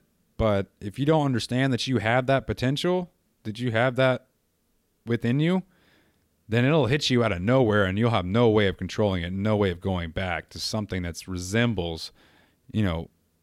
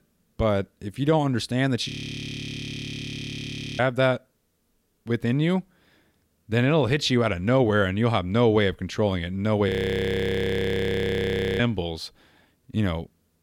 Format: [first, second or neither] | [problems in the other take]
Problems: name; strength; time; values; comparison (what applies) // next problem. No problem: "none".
first | audio freezing; at 2 s for 2 s and at 9.5 s for 2 s